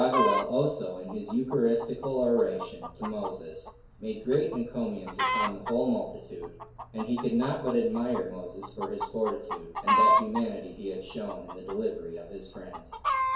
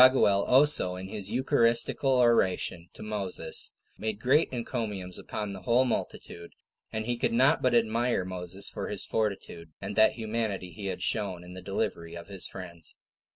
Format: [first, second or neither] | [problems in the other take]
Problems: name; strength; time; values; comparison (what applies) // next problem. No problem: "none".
second | background sound (Chicken, rooster); 2 dB below the speech // room echo; dies away in 2.4 s